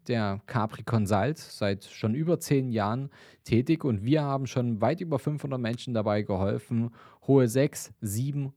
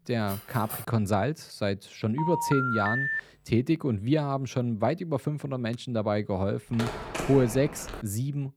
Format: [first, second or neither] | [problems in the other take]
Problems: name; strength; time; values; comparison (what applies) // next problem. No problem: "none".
first | clattering dishes; noticeable; at 0.5 s; peak 9 dB below the speech // phone ringing; loud; from 2 to 3 s; peak 1 dB above the speech // phone ringing; noticeable; from 6.5 to 8 s; peak 5 dB below the speech